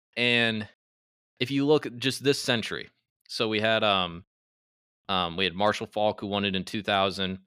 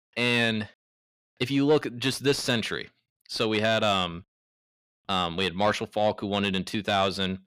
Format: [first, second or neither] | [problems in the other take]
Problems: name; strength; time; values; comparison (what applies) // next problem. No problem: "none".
first | distortion; slight; 10 dB below the speech